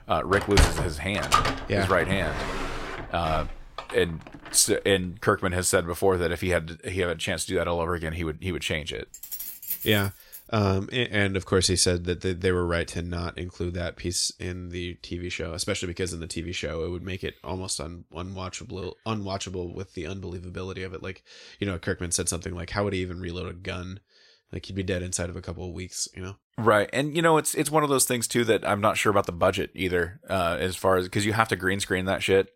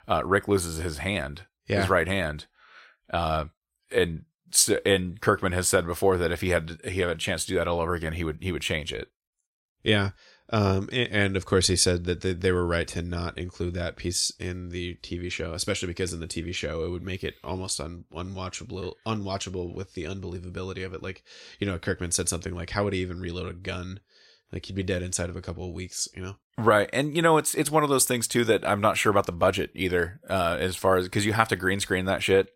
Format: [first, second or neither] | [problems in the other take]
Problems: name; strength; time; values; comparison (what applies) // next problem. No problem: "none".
second | door banging; loud; until 4 s; peak 4 dB above the speech // jangling keys; noticeable; from 9 to 10 s; peak 4 dB below the speech